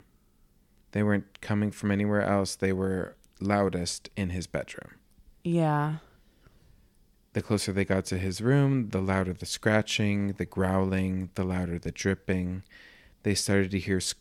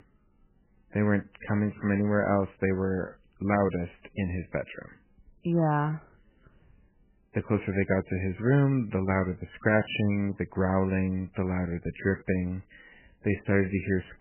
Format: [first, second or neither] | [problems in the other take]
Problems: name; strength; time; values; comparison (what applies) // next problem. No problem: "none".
first | garbled, watery; badly; nothing above 3 kHz